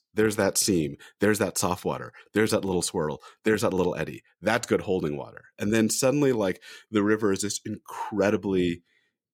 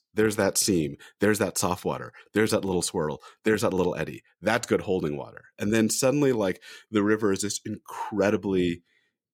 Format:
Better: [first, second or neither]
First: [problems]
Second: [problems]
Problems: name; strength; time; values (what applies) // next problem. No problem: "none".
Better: neither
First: none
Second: none